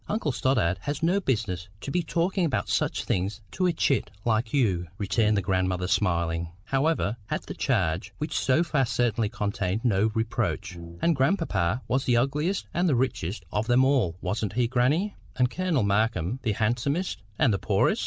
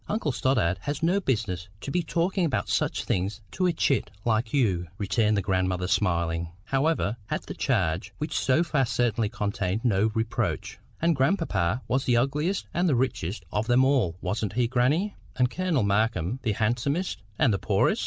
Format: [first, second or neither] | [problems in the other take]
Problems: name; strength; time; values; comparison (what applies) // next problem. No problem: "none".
second | background sound (Brass instrument); 15 dB below the speech